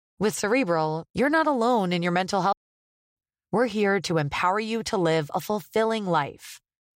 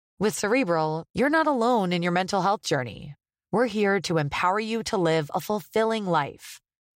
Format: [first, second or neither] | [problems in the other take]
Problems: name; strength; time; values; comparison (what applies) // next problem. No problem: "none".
second | audio cutting out; at 2.5 s for 0.5 s